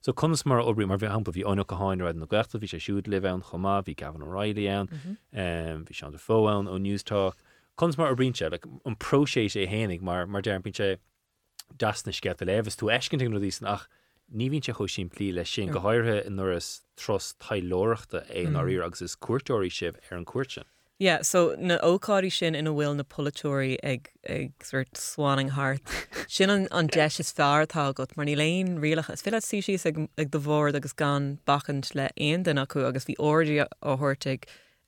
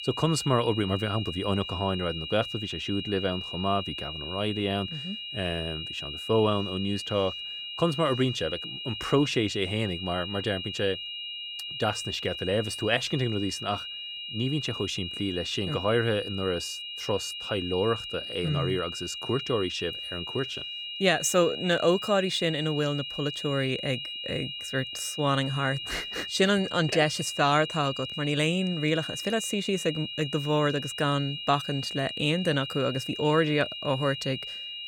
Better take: first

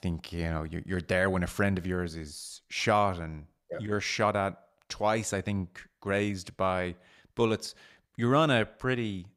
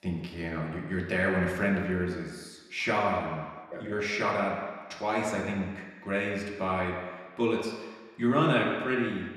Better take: first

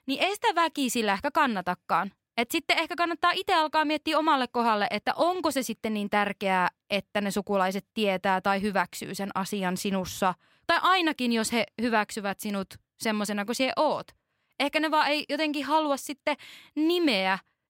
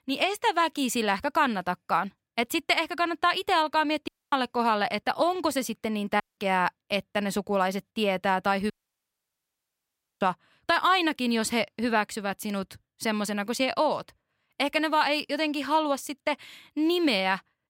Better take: first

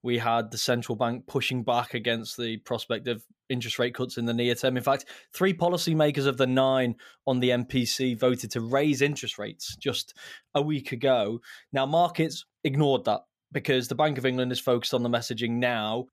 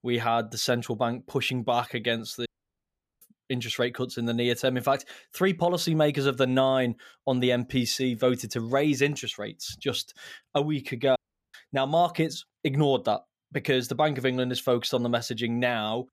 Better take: first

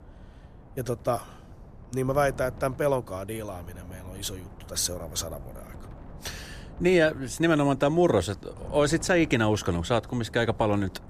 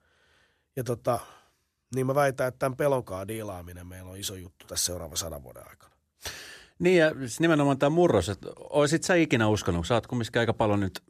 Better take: second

